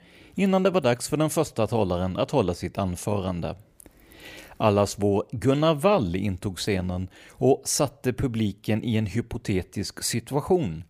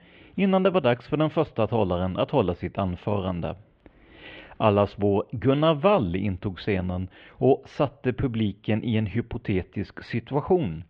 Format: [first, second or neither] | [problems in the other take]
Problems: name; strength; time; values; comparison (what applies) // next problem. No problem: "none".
first | muffled; very; fading above 3.5 kHz